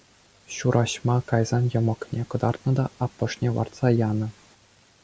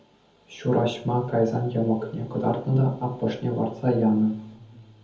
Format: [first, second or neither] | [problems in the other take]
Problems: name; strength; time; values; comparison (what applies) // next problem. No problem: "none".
first | room echo; dies away in 0.7 s